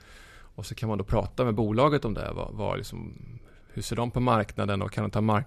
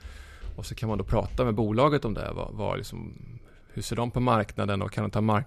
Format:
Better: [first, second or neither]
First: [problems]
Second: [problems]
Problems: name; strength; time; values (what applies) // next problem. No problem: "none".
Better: first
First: none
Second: footsteps; faint; until 1.5 s; peak 15 dB below the speech